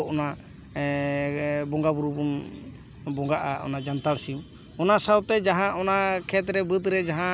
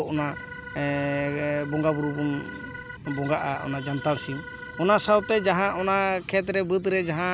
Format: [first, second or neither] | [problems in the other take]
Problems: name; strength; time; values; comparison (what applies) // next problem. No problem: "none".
first | background sound (Organ); 13 dB below the speech